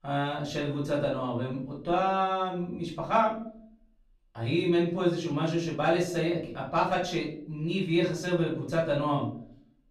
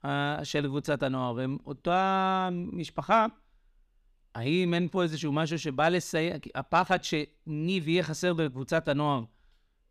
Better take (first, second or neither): second